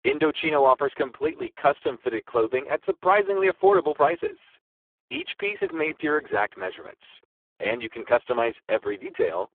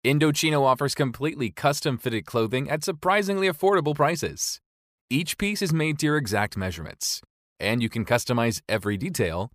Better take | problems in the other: second | phone-call audio; poor line

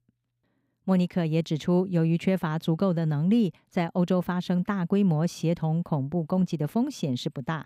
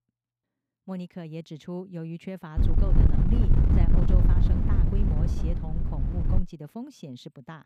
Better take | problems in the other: first | wind noise on the microphone; heavy; from 2.5 to 6.5 s; 3 dB above the speech

